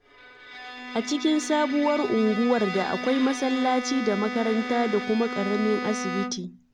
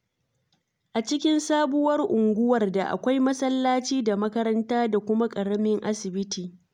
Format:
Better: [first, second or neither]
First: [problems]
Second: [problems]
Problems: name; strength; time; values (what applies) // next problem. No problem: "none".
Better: second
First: background sound (Bowed string instrument); 8 dB below the speech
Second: none